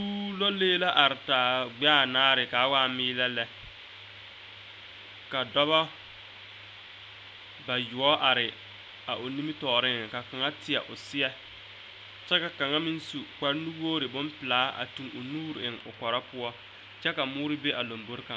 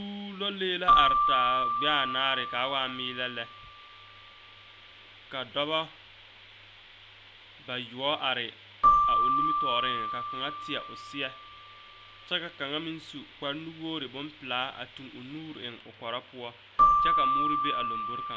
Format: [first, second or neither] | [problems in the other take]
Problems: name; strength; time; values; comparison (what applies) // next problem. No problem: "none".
first | background sound (Keyboard (musical)); 4 dB above the speech